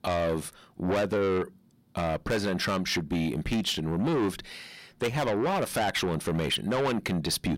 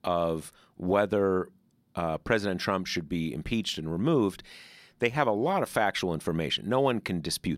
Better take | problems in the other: second | distortion; heavy; 6 dB below the speech

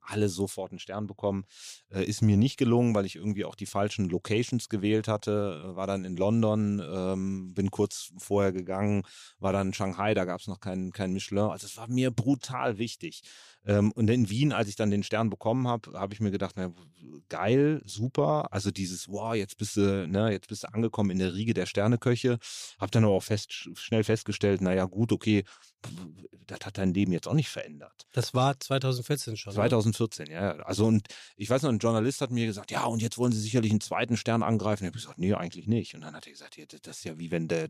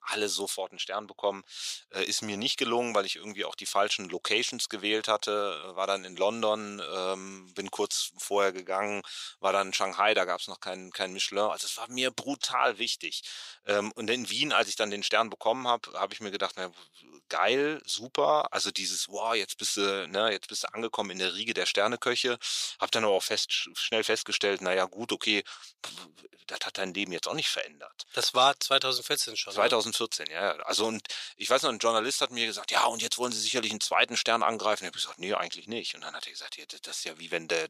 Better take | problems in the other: first | thin; very; fading below 650 Hz

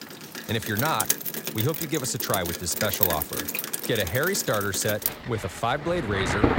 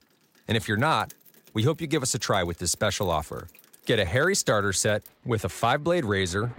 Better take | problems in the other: second | rain or running water; loud; throughout; 1 dB below the speech; faint in the second

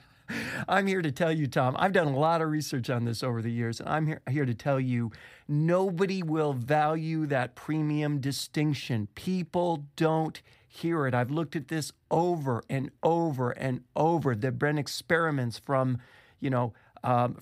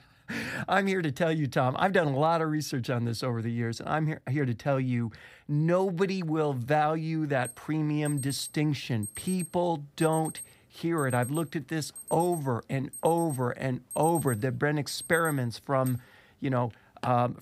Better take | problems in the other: first | alarm; noticeable; from 7.5 s on; peak 7 dB below the speech

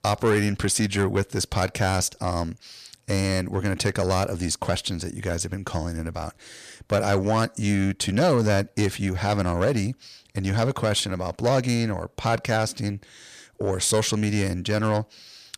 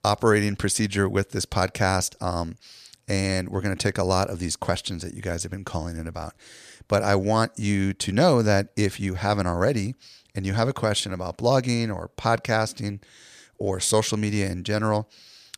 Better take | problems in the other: second | distortion; slight; 10 dB below the speech

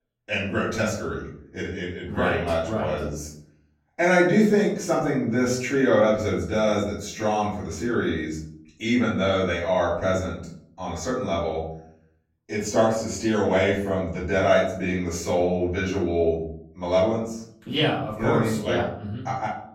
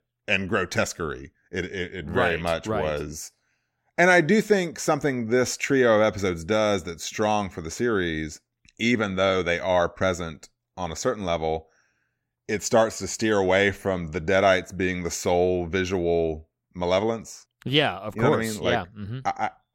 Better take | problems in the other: second | room echo; noticeable; dies away in 0.7 s // off-mic speech; far

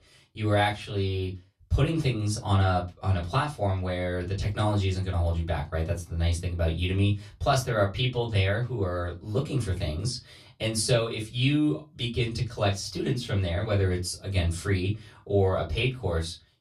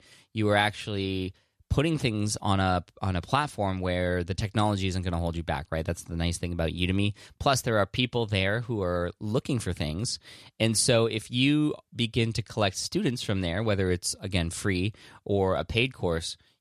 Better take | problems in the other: second | off-mic speech; far // room echo; very slight; dies away in 0.2 s

